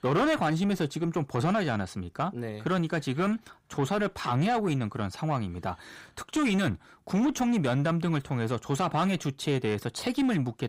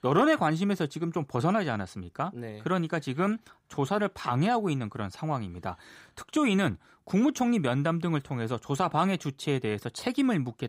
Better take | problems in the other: second | distortion; slight; 10 dB below the speech

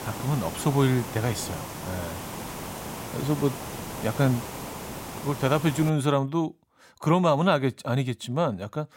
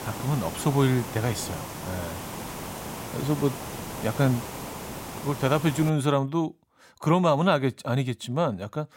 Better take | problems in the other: neither | hiss; loud; until 6 s; 10 dB below the speech; the same in both

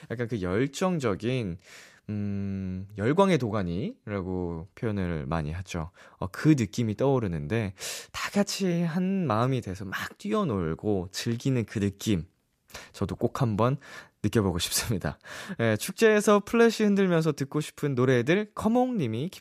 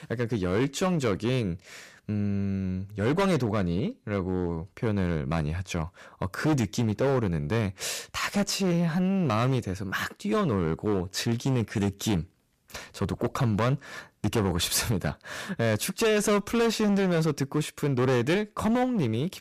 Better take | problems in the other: first | distortion; heavy; 12% of the sound clipped

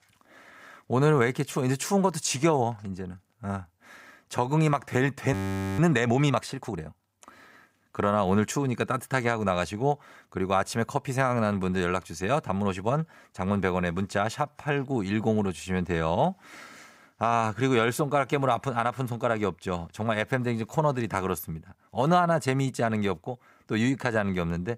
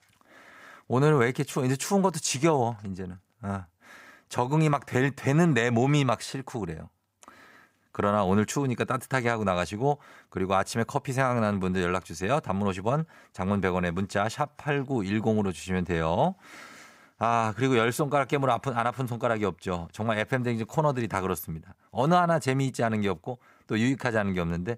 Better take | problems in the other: second | audio freezing; at 5.5 s

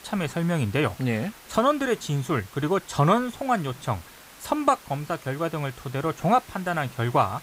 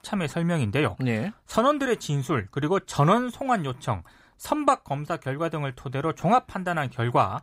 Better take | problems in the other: second | hiss; faint; throughout; 20 dB below the speech

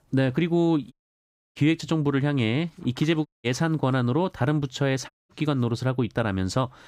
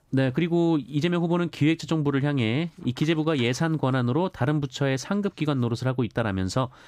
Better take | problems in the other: second | audio cutting out; at 1 s for 0.5 s, at 3.5 s and at 5 s

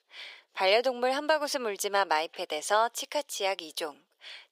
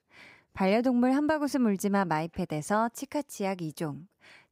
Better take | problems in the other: second | thin; very; fading below 450 Hz

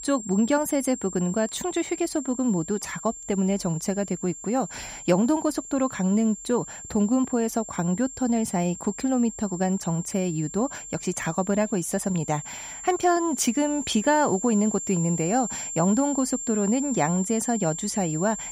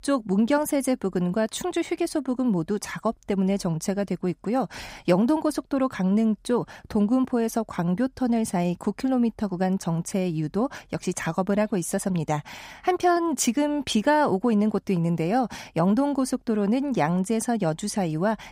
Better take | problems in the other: second | high-pitched whine; loud; throughout; 7.5 kHz, 9 dB below the speech

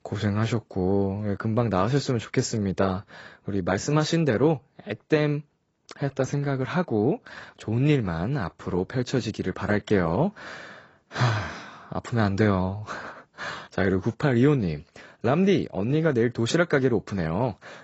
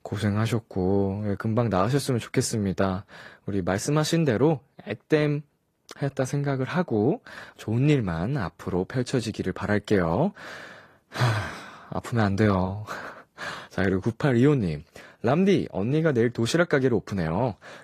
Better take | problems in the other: second | garbled, watery; badly; nothing above 7.5 kHz; slightly in the second

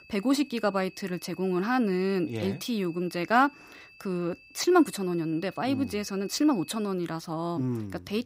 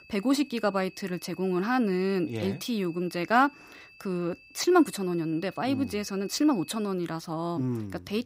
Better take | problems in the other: neither | high-pitched whine; faint; until 7 s; 2.5 kHz, 25 dB below the speech; the same in both

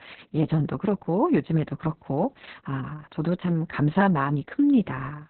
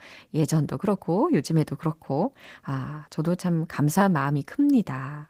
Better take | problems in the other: second | garbled, watery; badly; nothing above 4 kHz; slightly in the second

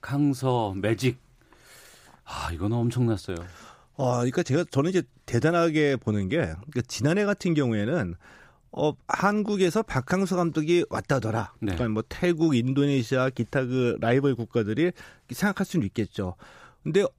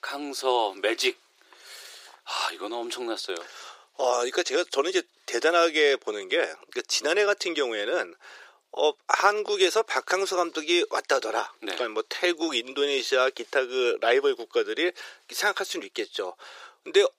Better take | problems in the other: first | thin; very; fading below 400 Hz

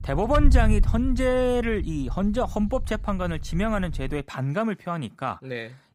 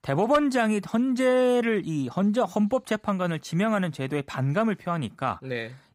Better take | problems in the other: second | wind noise on the microphone; occasional gusts; until 4 s; 20 dB below the speech

